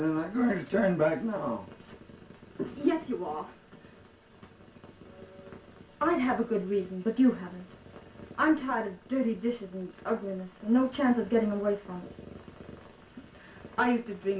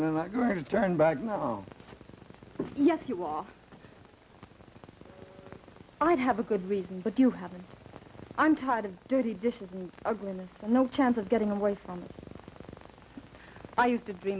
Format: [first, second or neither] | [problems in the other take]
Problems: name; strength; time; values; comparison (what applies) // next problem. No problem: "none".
second | room echo; dies away in 0.3 s